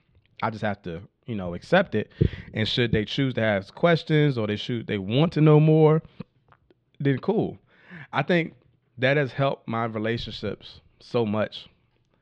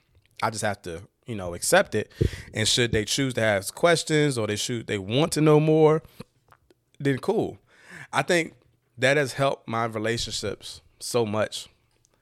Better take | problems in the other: second | muffled; slightly; fading above 3.5 kHz

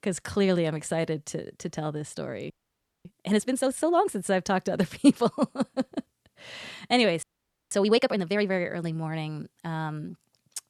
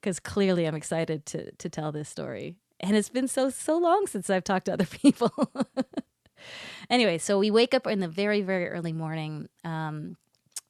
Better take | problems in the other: second | audio freezing; at 2.5 s for 0.5 s and at 7 s

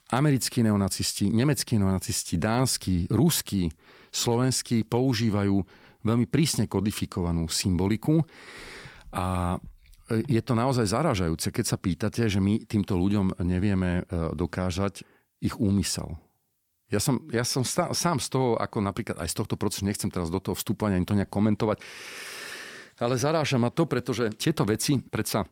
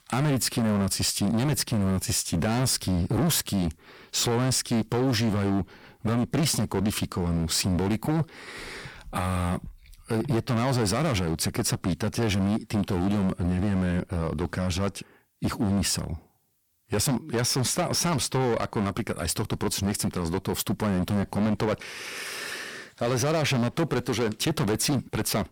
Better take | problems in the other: first | distortion; heavy; 16% of the sound clipped

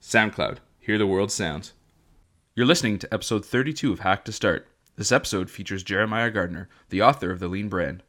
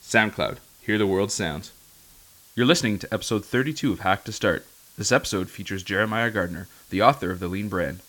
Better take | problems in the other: first | hiss; faint; throughout; 25 dB below the speech

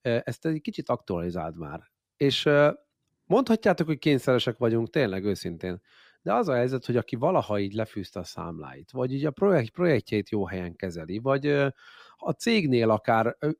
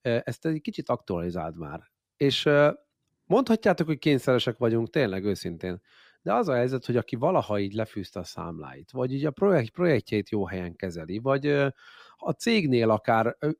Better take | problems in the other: neither | none

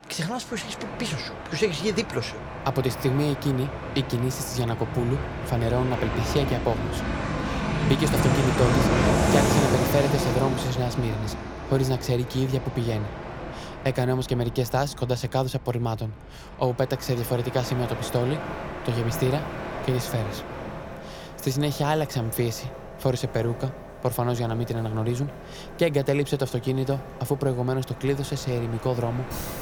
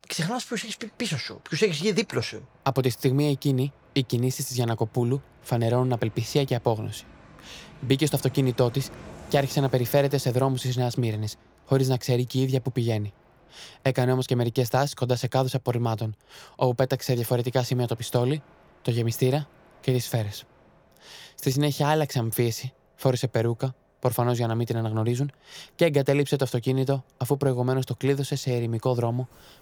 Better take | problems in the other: second | train or aircraft noise; loud; throughout; 3 dB below the speech; faint in the second

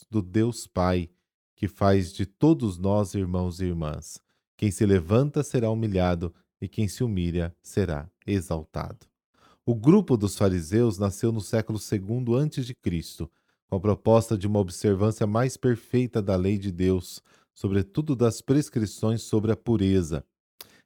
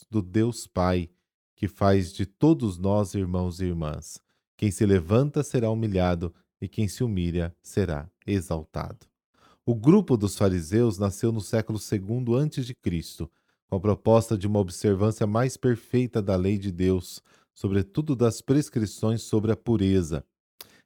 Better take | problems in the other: neither | none

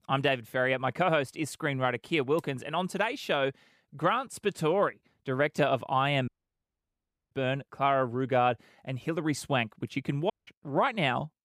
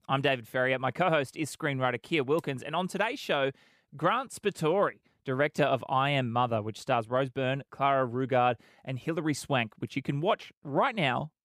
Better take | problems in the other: second | audio cutting out; at 6.5 s for 1 s and at 10 s

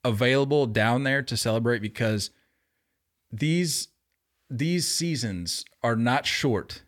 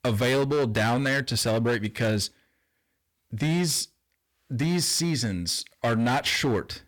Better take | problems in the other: first | distortion; slight; 13% of the sound clipped

